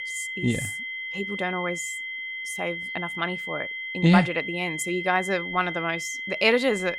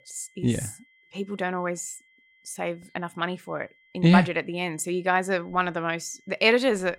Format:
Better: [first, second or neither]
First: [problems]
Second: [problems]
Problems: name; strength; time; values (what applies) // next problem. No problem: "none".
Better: second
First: high-pitched whine; loud; throughout; 2 kHz, 5 dB below the speech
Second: high-pitched whine; faint; throughout; 2 kHz, 35 dB below the speech